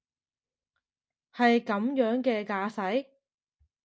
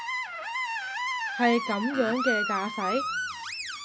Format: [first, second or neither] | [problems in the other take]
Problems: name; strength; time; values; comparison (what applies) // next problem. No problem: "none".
first | background sound (Screech); 1 dB below the speech